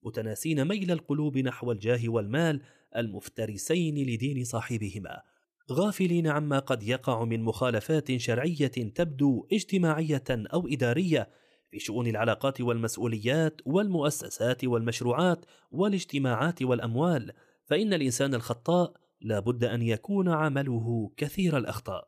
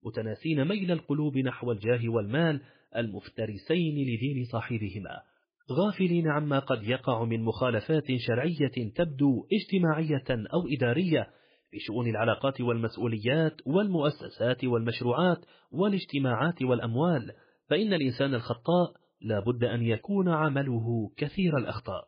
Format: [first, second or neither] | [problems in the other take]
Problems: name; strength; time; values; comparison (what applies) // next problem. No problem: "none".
first | garbled, watery; badly; nothing above 4 kHz